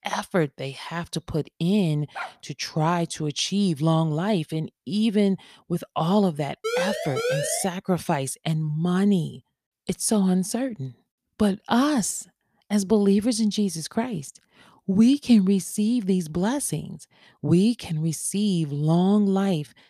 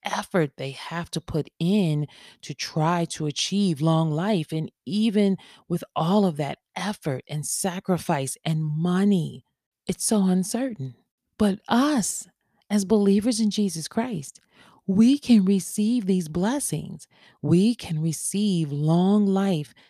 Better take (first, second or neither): second